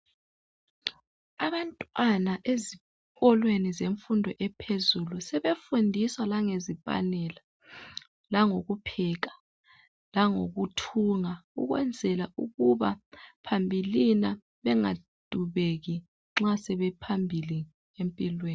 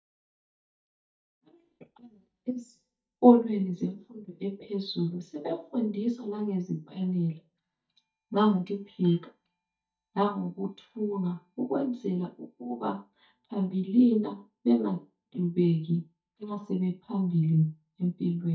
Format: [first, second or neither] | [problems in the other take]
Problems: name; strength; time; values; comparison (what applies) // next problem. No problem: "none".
first | noise reduction (neural mask model DeepFilterNet 3)